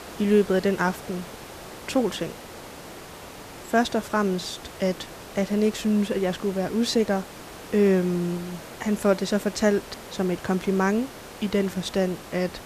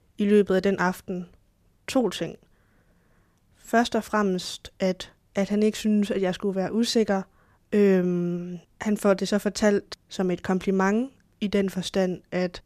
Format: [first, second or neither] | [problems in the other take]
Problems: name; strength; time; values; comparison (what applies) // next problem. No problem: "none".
second | hiss; noticeable; throughout; 15 dB below the speech